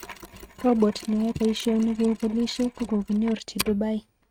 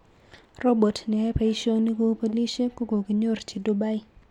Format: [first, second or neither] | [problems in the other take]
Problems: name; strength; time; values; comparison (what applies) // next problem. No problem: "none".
second | noise reduction (neural mask model RNNoise)